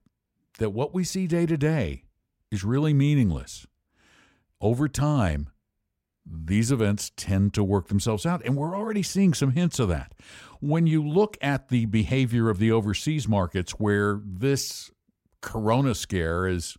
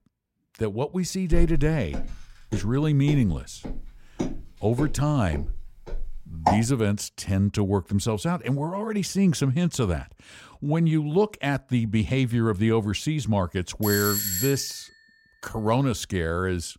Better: first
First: none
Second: footsteps; noticeable; from 1.5 to 6.5 s; peak level with the speech // doorbell; loud; at 14 s; peak 1 dB above the speech

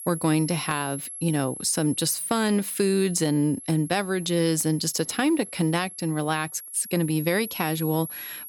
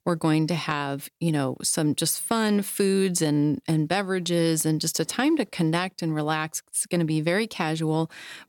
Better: second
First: high-pitched whine; noticeable; throughout; 11.5 kHz, 10 dB below the speech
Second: none

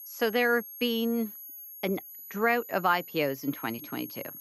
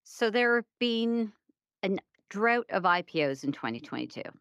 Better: second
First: high-pitched whine; noticeable; throughout; 11.5 kHz, 15 dB below the speech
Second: none

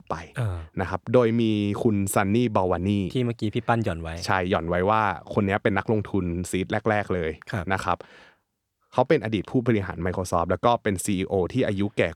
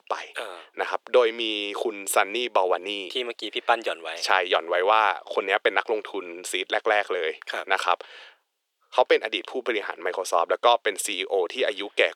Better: first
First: none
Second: thin; very; fading below 400 Hz

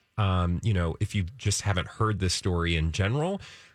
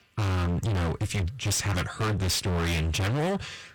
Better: first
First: none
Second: distortion; heavy; 41% of the sound clipped

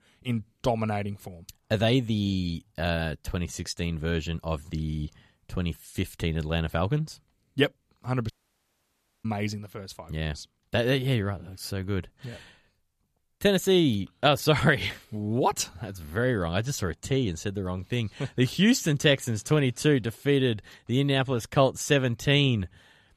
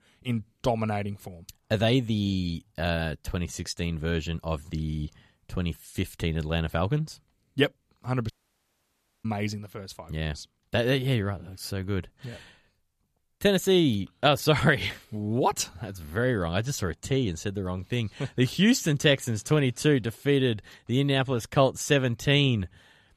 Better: neither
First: audio cutting out; at 8.5 s for 1 s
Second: audio cutting out; at 8.5 s for 1 s

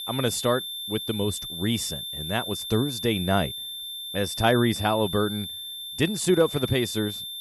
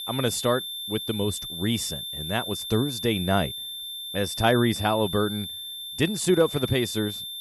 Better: neither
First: high-pitched whine; loud; throughout; 3.5 kHz, 6 dB below the speech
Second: high-pitched whine; loud; throughout; 3.5 kHz, 6 dB below the speech

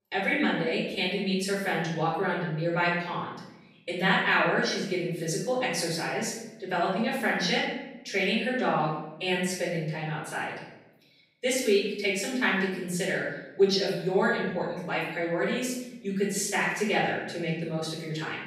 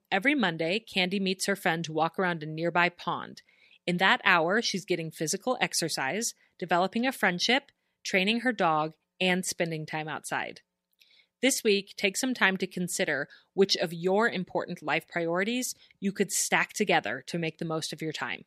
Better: second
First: off-mic speech; far // room echo; noticeable; dies away in 0.9 s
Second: none

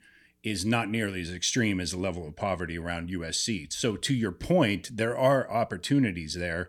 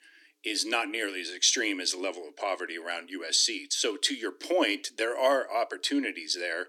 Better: first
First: none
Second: thin; somewhat; fading below 300 Hz

